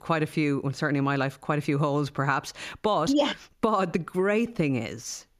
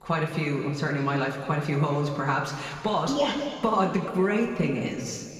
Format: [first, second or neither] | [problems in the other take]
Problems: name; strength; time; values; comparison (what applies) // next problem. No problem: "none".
first | room echo; noticeable; dies away in 2.1 s // off-mic speech; far